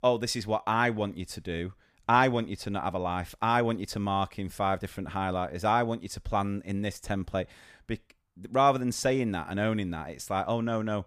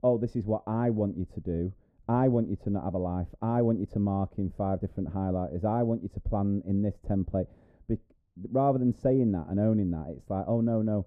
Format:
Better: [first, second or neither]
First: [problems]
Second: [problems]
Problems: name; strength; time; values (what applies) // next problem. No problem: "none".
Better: first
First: none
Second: muffled; very; fading above 1 kHz